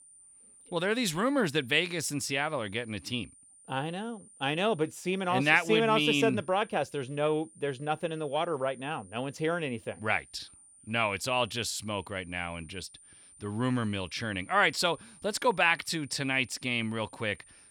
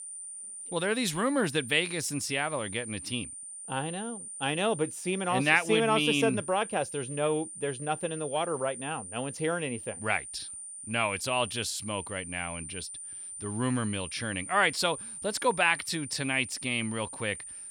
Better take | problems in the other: first | high-pitched whine; loud; throughout; 9 kHz, 9 dB below the speech; faint in the first

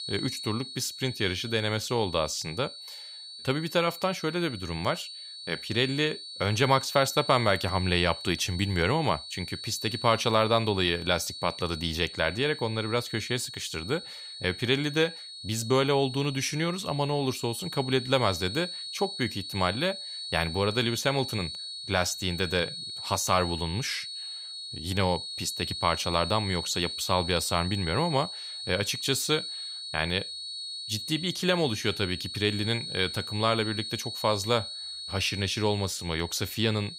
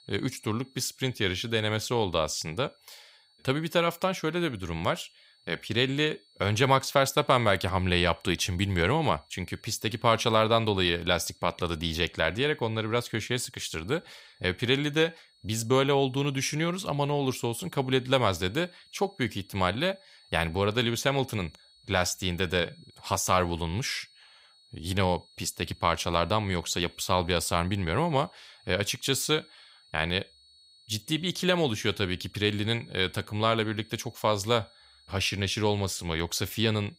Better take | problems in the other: second | high-pitched whine; loud; throughout; 4.5 kHz, 8 dB below the speech; faint in the second

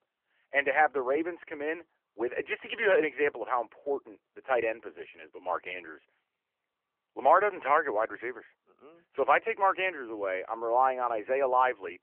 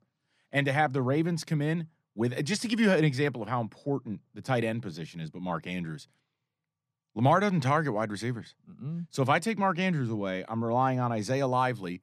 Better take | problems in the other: second | phone-call audio

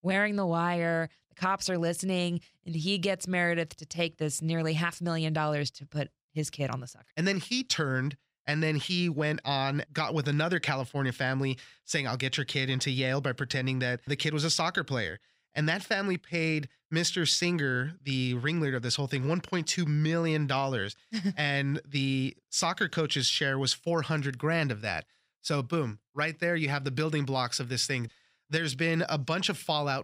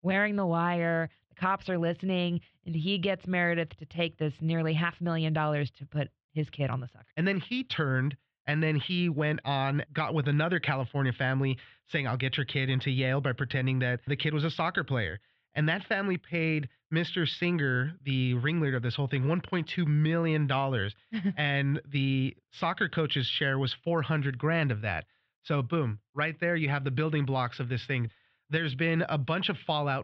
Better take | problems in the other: first | muffled; very; fading above 3.5 kHz

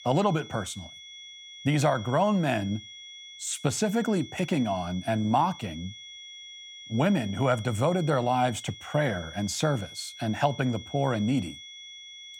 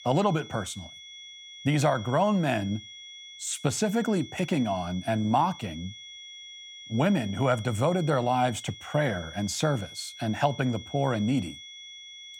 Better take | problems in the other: neither | high-pitched whine; noticeable; throughout; 3.5 kHz, 15 dB below the speech; the same in both

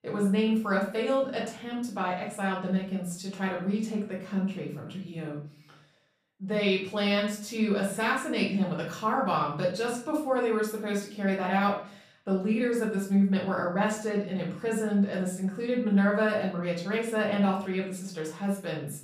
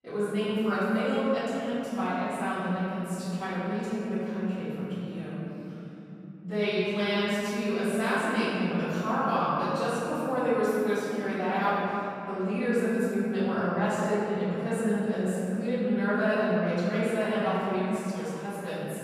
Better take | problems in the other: first | room echo; strong; dies away in 3 s; slight in the first // off-mic speech; far; far in the first

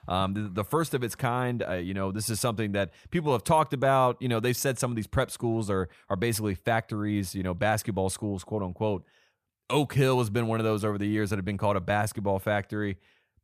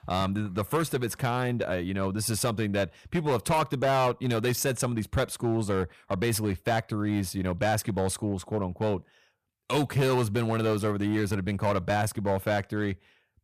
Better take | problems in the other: first | distortion; slight; 8% of the sound clipped

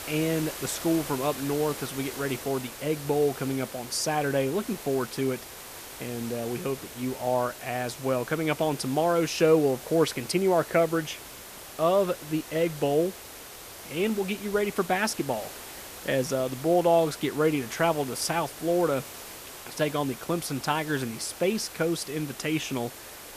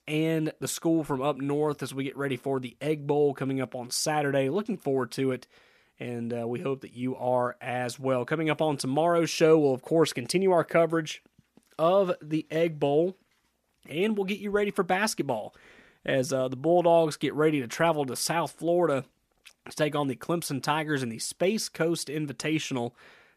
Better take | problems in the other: second | hiss; noticeable; throughout; 10 dB below the speech

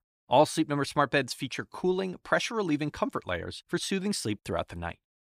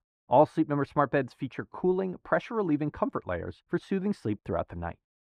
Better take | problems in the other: first | muffled; very; fading above 2.5 kHz

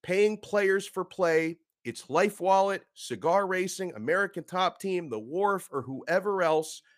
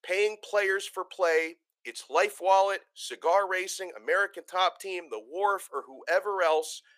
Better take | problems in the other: first | thin; very; fading below 450 Hz

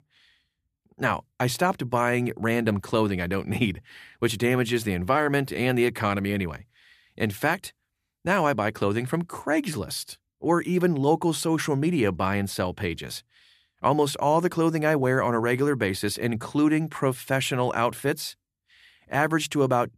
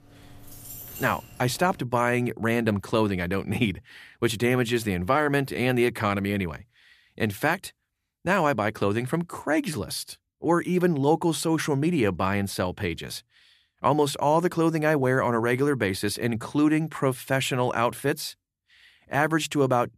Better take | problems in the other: first | jangling keys; faint; until 2 s; peak 10 dB below the speech

